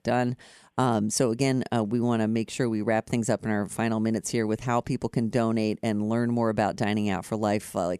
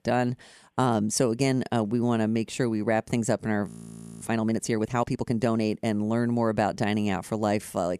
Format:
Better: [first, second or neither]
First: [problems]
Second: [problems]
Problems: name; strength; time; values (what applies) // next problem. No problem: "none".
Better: first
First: none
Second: audio freezing; at 3.5 s for 0.5 s